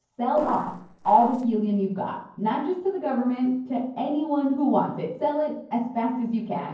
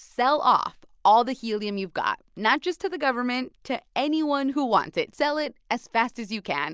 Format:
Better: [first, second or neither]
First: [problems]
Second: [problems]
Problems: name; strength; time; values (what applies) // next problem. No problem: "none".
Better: second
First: noise reduction (neural separator model SepFormer DNS4)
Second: none